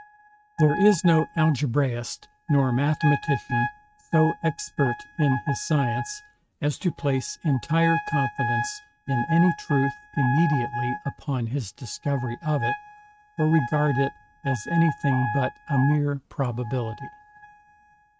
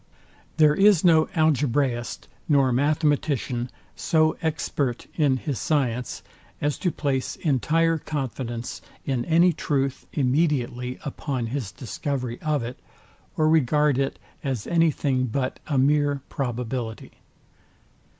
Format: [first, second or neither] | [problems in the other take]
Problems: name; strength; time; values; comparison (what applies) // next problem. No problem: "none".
second | noise reduction (neural mask model RNNoise)